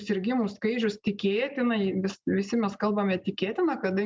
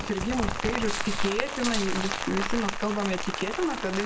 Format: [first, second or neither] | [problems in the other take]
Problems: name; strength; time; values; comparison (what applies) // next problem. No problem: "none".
first | background sound (Walk, footsteps + Rain); 1 dB below the speech